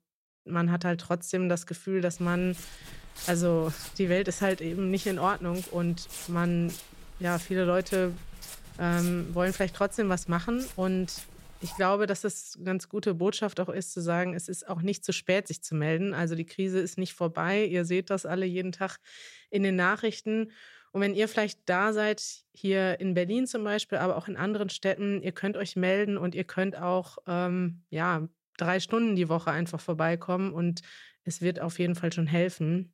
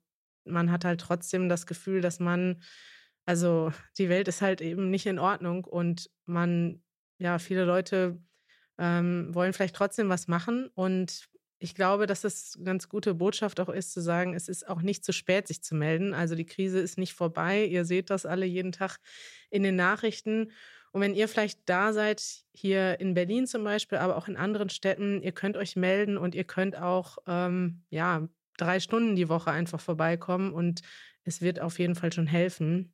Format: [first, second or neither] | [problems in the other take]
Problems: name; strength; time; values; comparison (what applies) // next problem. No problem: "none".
second | footsteps; noticeable; from 2 to 12 s; peak 9 dB below the speech